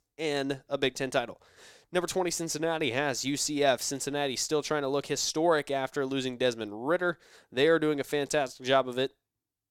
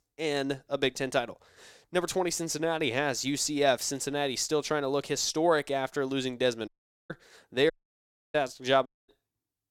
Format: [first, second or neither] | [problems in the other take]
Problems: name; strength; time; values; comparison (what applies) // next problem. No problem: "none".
first | audio cutting out; at 6.5 s, at 7.5 s for 0.5 s and at 9 s